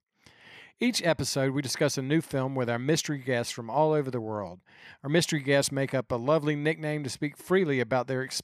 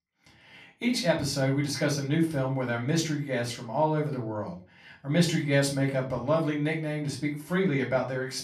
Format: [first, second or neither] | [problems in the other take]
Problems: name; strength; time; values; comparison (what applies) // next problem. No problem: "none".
first | off-mic speech; far // room echo; slight; dies away in 0.3 s